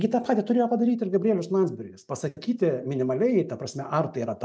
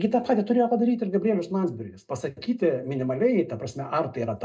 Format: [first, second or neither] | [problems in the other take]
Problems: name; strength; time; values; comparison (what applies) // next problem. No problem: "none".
first | room echo; dies away in 0.2 s